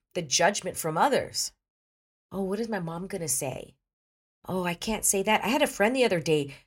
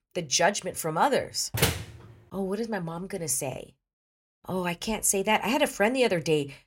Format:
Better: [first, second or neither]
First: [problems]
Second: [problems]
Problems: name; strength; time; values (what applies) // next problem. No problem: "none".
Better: first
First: none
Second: door banging; loud; at 1.5 s; peak 1 dB above the speech